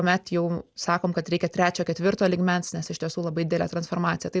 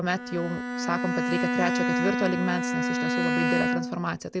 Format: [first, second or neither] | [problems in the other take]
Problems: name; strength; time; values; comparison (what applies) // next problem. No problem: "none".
first | background sound (Bowed string instrument); 2 dB above the speech